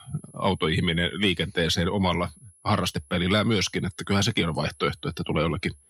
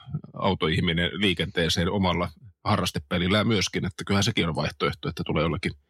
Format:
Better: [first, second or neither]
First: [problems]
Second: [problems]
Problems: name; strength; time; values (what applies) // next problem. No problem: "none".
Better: second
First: high-pitched whine; faint; throughout; 10.5 kHz, 30 dB below the speech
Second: none